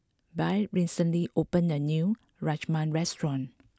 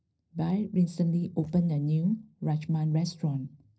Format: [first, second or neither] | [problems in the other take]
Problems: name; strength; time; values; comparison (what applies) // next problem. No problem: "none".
first | noise reduction (neural separator model SepFormer DNS4)